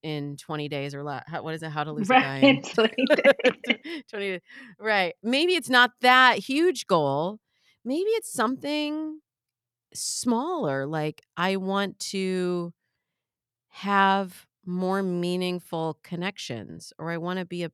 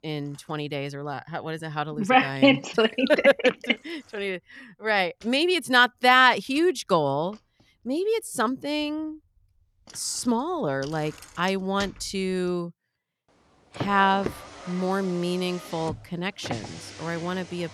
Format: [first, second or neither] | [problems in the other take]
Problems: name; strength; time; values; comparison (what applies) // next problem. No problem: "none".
first | traffic noise; noticeable; throughout; 15 dB below the speech